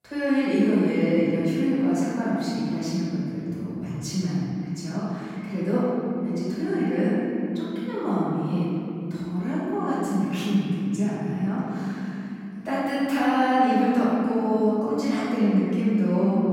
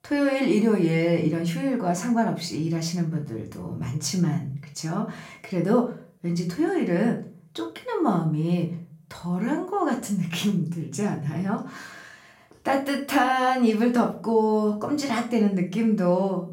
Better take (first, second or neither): second